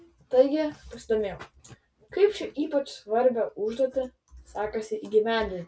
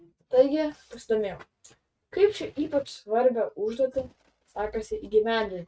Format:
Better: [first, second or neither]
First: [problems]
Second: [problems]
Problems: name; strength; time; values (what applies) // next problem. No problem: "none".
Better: first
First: none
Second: noise reduction (neural mask model RNNoise)